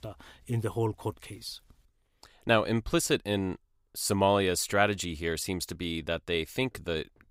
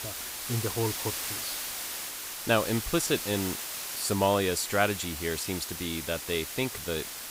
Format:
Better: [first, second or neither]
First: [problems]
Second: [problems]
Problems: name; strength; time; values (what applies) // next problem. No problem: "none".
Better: first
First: none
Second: hiss; loud; throughout; 4 dB below the speech